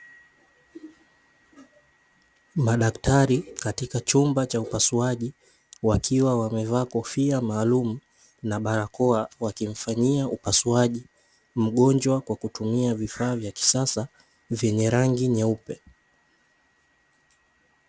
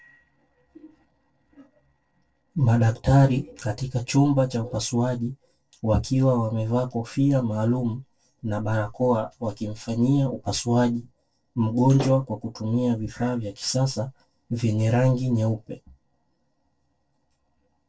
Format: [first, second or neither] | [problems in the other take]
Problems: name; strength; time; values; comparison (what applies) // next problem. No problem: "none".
first | noise reduction (neural separator model SepFormer DNS4)